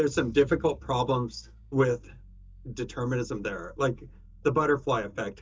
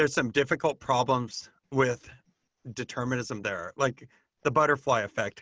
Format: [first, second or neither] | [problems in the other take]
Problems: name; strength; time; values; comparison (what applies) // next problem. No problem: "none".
second | noise reduction (neural mask model DeepFilterNet 3)